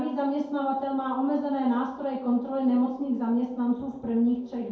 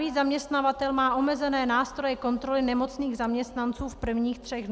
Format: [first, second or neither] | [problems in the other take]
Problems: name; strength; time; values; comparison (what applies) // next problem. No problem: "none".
second | room echo; dies away in 2.3 s